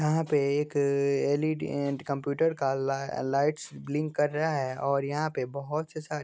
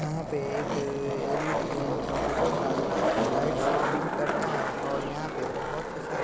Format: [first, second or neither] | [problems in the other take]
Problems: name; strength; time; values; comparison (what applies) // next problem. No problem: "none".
first | background sound (Skateboard); 5 dB above the speech